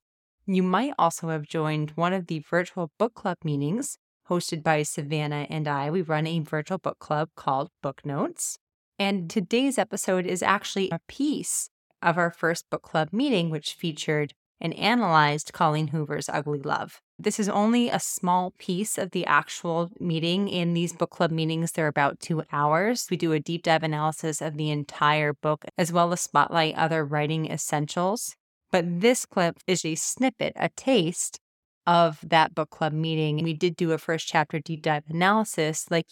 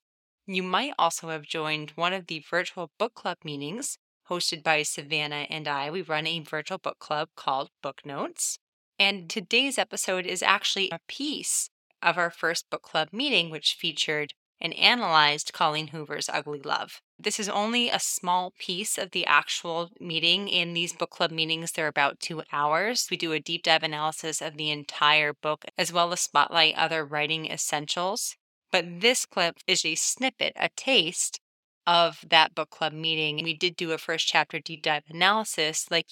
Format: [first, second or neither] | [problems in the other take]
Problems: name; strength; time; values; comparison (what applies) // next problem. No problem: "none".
first | thin; somewhat; fading below 1 kHz